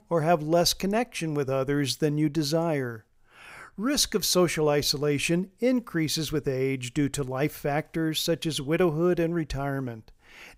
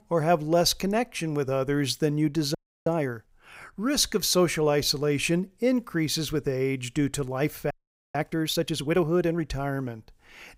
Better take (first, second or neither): first